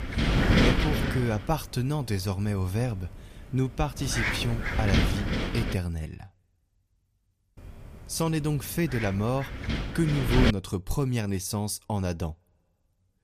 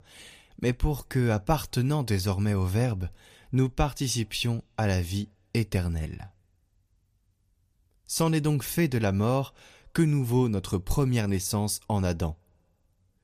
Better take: second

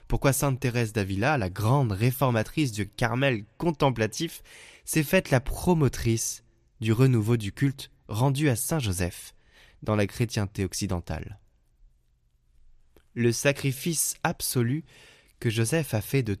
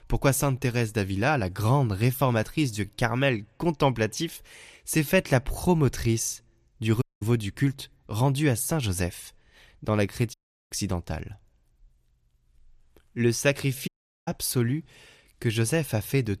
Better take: first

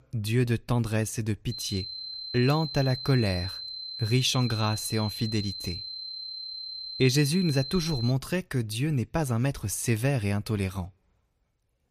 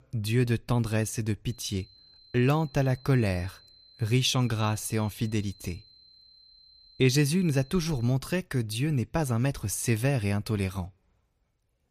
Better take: second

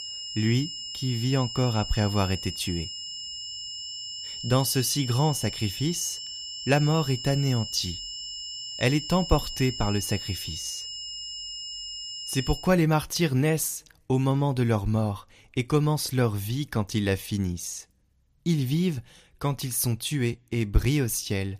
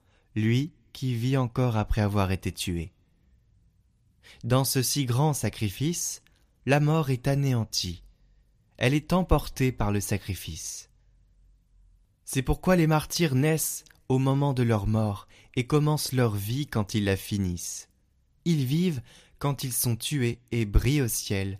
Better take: second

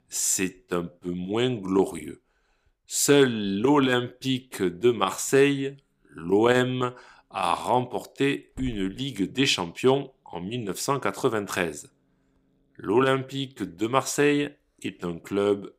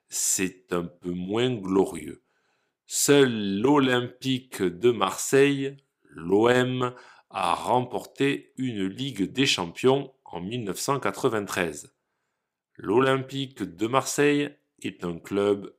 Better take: second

